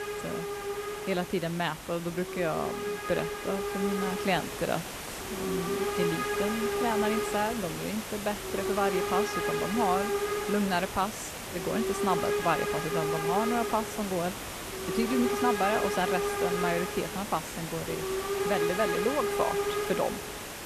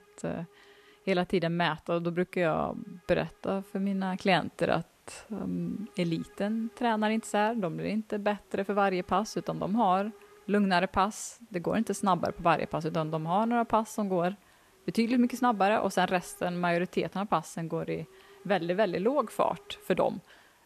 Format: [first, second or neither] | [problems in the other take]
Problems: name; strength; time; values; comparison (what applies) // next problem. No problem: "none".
second | hiss; loud; throughout; as loud as the speech; faint in the second